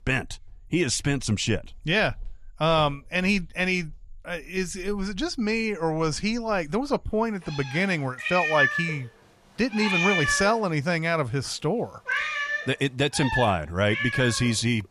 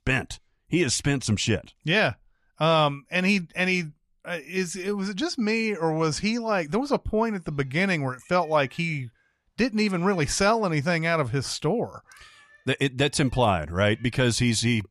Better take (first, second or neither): second